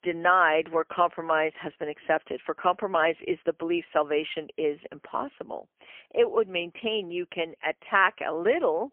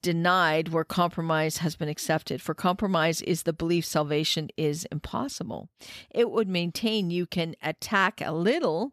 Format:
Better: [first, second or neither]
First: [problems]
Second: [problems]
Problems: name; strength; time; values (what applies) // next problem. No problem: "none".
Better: second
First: phone-call audio; poor line; nothing above 3 kHz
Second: none